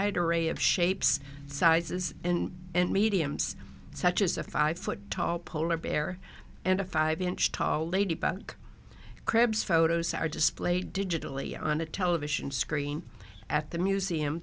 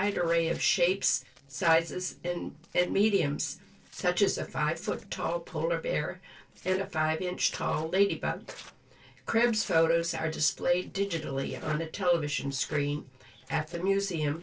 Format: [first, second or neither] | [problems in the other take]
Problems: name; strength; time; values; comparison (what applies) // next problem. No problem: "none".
first | noise reduction (neural separator model SepFormer DNS4)